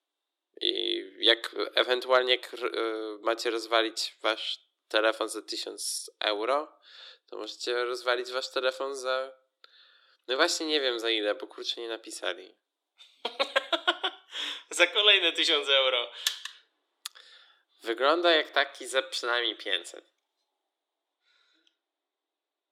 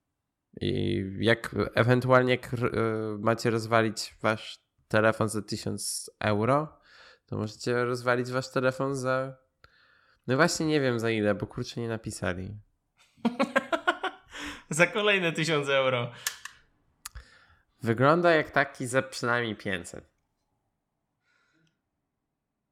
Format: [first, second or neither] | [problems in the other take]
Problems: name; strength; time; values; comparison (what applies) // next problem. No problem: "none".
second | thin; very; fading below 350 Hz